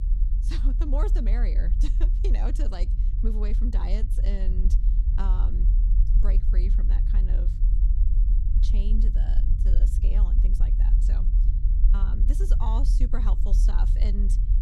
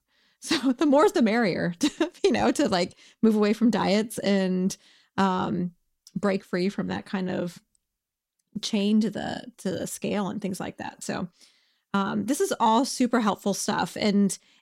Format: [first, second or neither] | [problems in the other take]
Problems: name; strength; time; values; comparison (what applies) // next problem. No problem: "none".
second | low rumble; loud; throughout; 5 dB below the speech